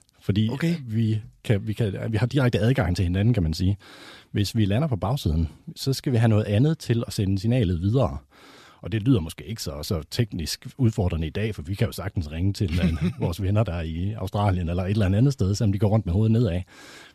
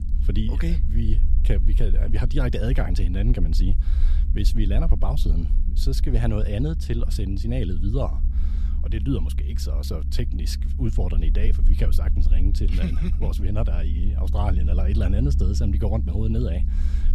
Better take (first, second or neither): first